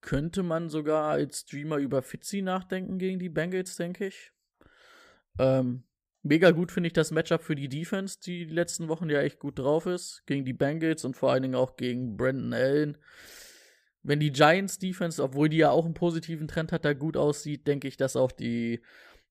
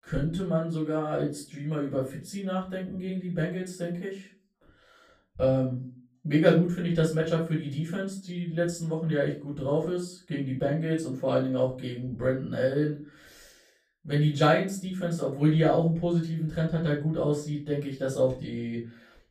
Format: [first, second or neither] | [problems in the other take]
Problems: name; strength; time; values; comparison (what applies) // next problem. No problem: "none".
first | room echo; slight; dies away in 0.3 s // off-mic speech; far